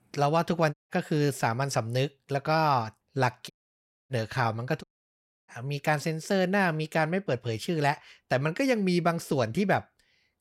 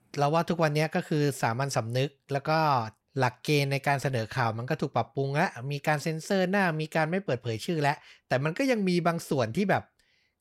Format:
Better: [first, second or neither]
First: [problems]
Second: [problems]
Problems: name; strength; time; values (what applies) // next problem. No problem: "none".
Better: second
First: audio cutting out; at 0.5 s, at 3.5 s for 0.5 s and at 5 s for 0.5 s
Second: none